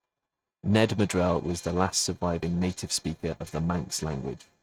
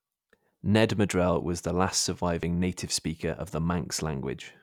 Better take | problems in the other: second | noise reduction (neural mask model RNNoise)

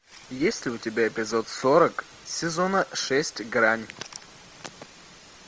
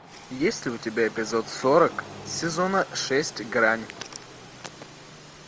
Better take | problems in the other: first | background sound (Train); 17 dB below the speech

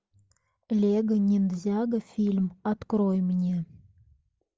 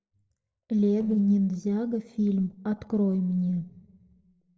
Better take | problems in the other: first | noise reduction (neural separator model SepFormer DNS4)

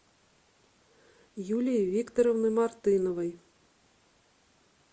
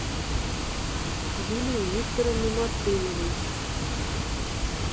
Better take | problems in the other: first | background sound (Water); 4 dB above the speech

